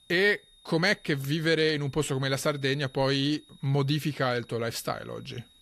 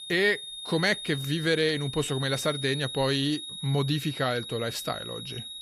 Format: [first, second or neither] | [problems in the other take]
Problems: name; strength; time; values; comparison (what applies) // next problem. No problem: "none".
first | high-pitched whine; loud; throughout; 4 kHz, 8 dB below the speech; faint in the first